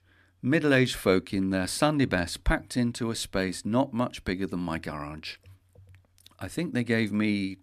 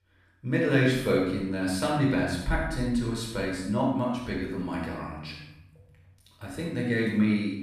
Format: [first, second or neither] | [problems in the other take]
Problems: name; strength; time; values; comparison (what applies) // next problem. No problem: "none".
first | off-mic speech; far // room echo; noticeable; dies away in 0.8 s